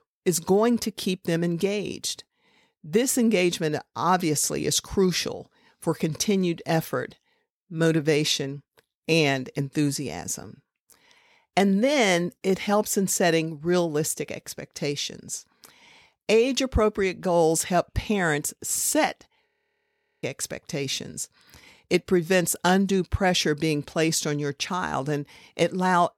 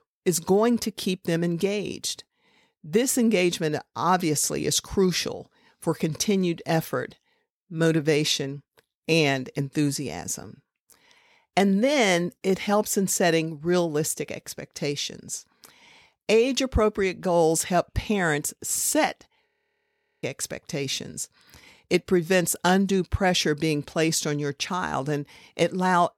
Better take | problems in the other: neither | audio freezing; at 19 s for 1 s; the same in both

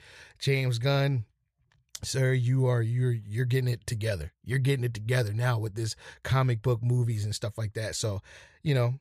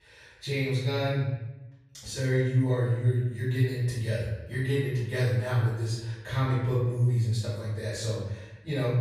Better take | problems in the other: first | room echo; noticeable; dies away in 0.9 s // off-mic speech; far

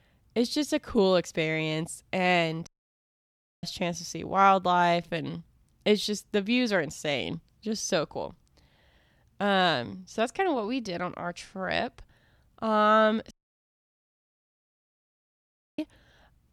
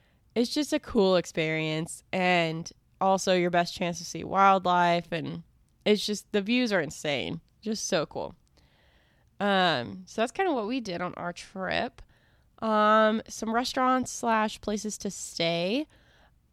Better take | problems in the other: second | audio cutting out; at 2.5 s for 1 s and at 13 s for 2.5 s

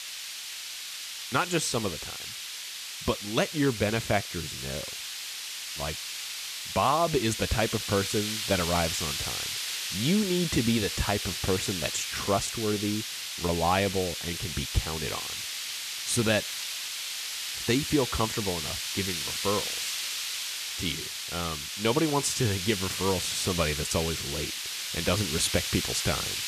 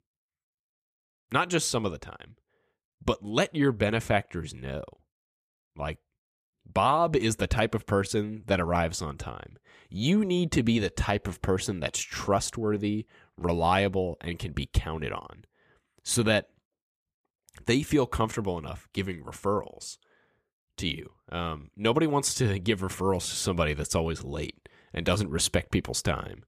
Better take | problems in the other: second | hiss; loud; throughout; 3 dB below the speech

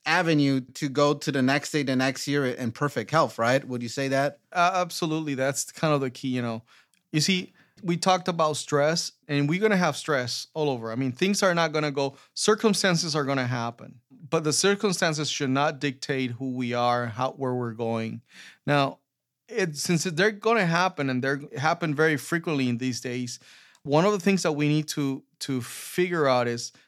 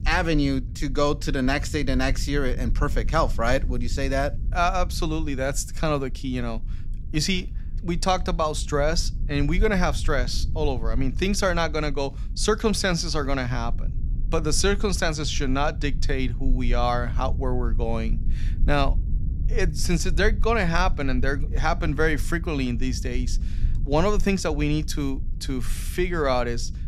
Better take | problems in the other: first | low rumble; faint; throughout; 20 dB below the speech

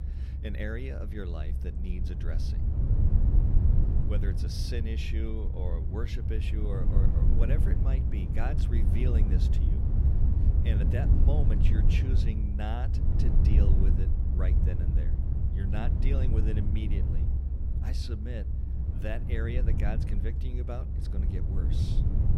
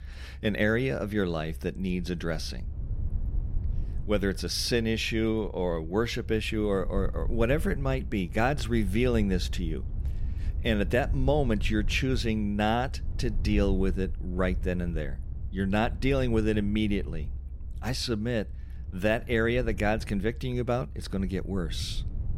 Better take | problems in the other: second | low rumble; loud; throughout; 1 dB below the speech; faint in the second

